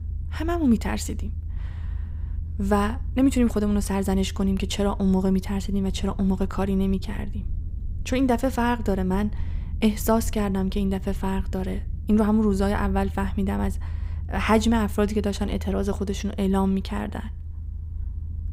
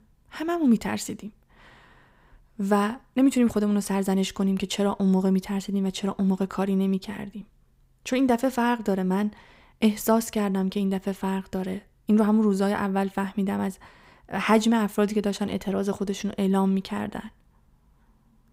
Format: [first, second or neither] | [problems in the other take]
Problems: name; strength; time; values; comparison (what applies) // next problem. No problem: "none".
second | low rumble; faint; throughout; 20 dB below the speech